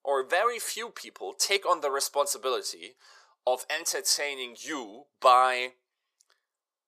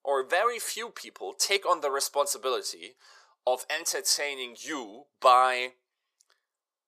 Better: neither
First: thin; very; fading below 450 Hz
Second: thin; very; fading below 450 Hz

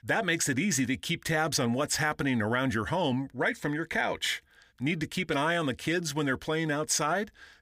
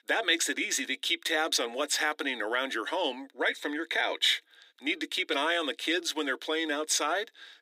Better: first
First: none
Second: thin; somewhat; fading below 300 Hz

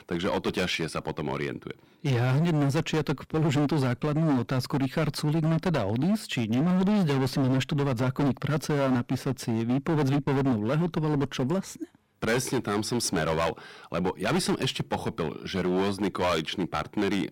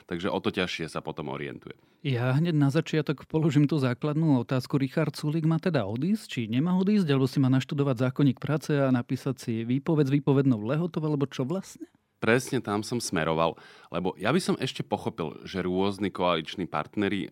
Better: second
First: distortion; heavy; 18% of the sound clipped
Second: none

